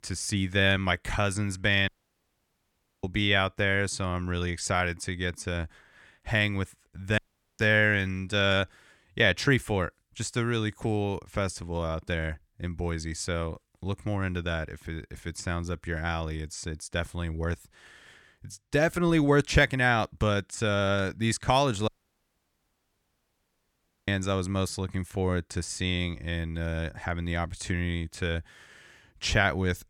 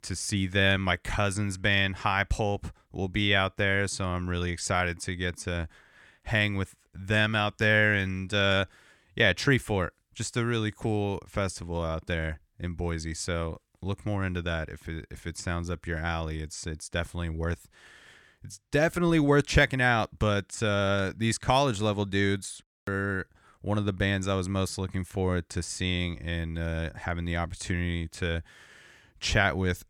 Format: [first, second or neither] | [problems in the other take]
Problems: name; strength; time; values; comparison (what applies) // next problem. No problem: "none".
second | audio cutting out; at 2 s for 1 s, at 7 s and at 22 s for 2 s